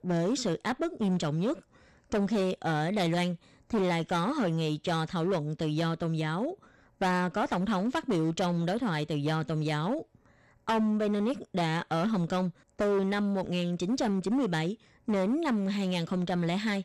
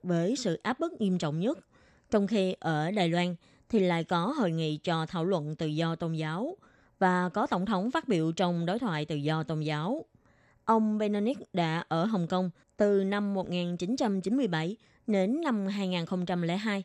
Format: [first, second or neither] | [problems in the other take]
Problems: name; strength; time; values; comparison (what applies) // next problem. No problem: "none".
second | distortion; slight; 12% of the sound clipped